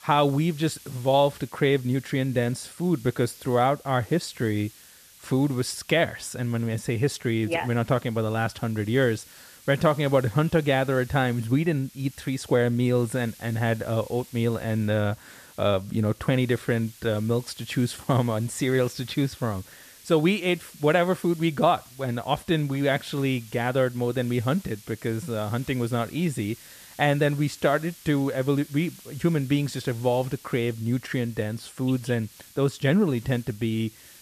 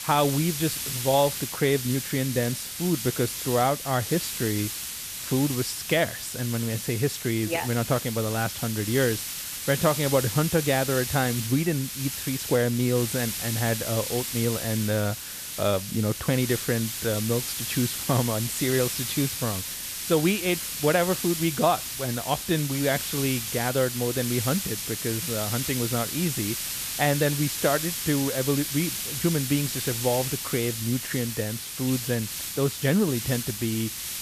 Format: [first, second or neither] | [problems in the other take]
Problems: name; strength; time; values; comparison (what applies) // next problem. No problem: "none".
first | hiss; loud; throughout; 4 dB below the speech; faint in the first